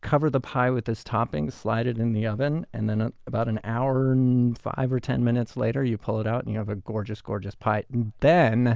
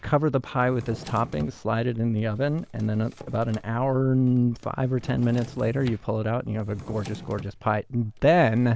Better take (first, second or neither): first